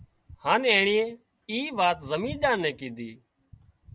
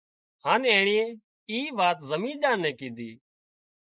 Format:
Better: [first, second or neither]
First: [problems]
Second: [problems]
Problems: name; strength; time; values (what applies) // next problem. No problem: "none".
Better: first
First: none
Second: noise reduction (neural mask model Resemble Enhance denoiser)